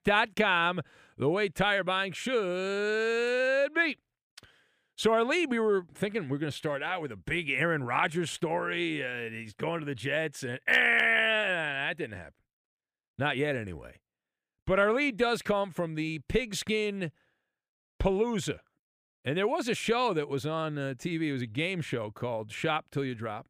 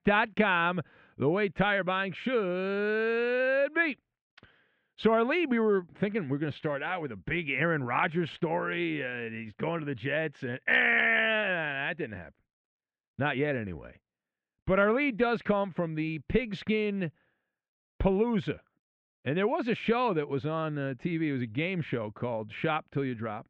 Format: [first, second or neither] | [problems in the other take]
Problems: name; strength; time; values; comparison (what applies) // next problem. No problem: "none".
first | muffled; slightly; fading above 3 kHz